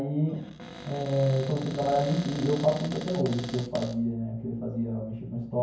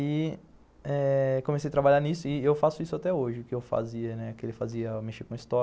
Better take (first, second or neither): second